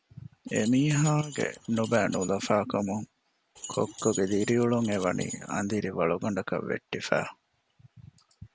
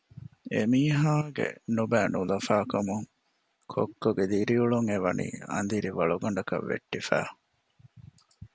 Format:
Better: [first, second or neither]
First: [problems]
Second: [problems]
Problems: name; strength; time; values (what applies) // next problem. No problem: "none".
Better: second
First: background sound (Keys jangling); 14 dB below the speech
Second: none